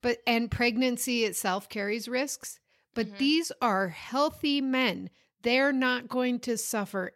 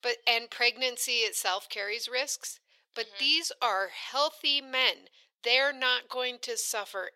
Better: first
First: none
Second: thin; very; fading below 450 Hz

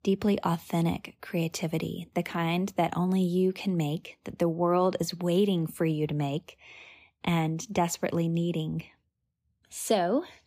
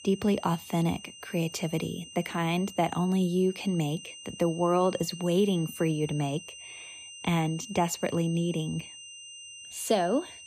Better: first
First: none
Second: high-pitched whine; noticeable; throughout; 3 kHz, 15 dB below the speech

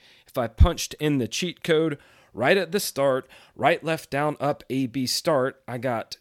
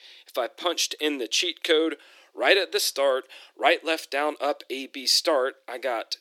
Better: first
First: none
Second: thin; somewhat; fading below 300 Hz

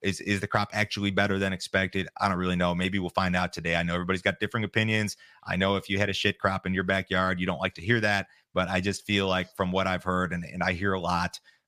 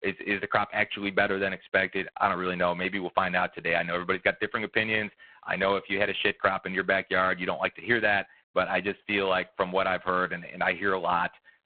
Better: first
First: none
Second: phone-call audio; poor line; nothing above 4 kHz

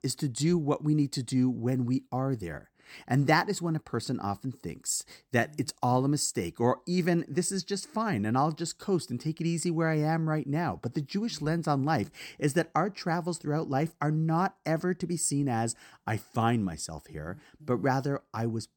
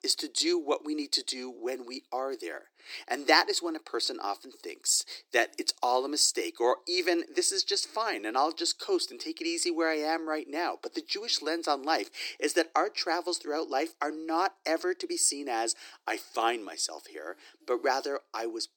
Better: first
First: none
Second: thin; very; fading below 350 Hz

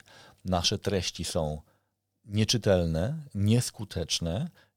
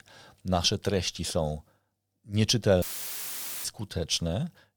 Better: first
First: none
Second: audio cutting out; filled with static; at 3 s for 1 s

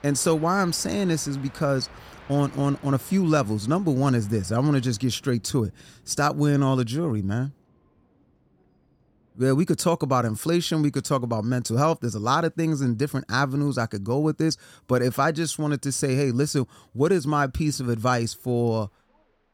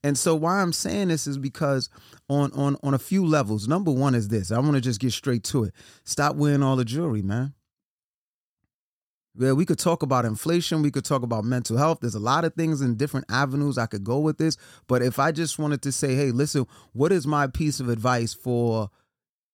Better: second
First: train or aircraft noise; faint; throughout; 25 dB below the speech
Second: none

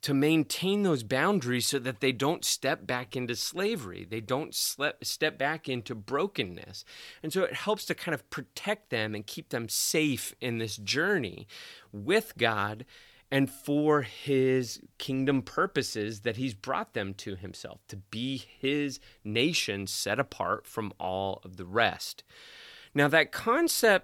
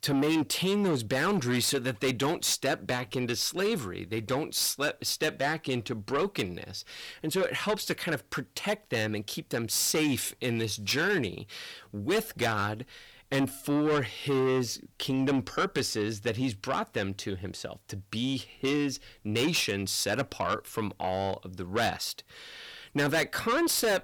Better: first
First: none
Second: distortion; heavy; 8 dB below the speech

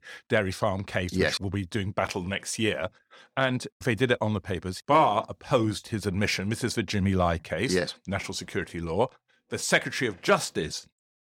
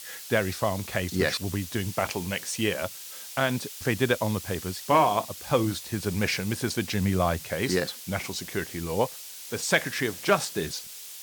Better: first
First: none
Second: hiss; noticeable; throughout; 10 dB below the speech

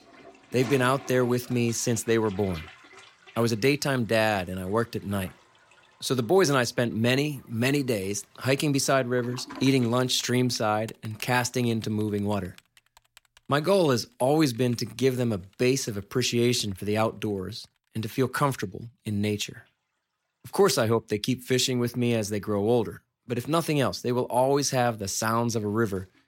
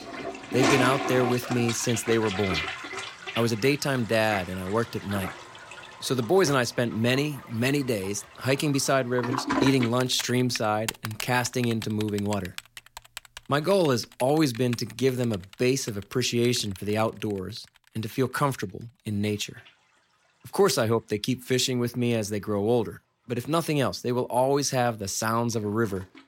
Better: first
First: household noises; faint; throughout; 20 dB below the speech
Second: household noises; loud; throughout; 7 dB below the speech

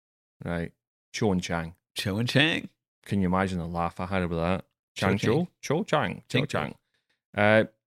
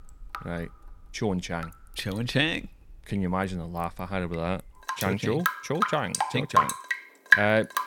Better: first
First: none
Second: rain or running water; very loud; throughout; 3 dB above the speech

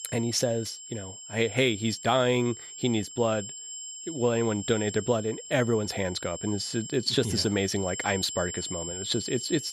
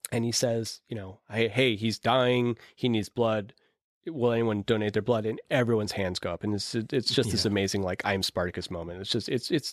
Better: second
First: high-pitched whine; loud; throughout; 7.5 kHz, 10 dB below the speech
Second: none

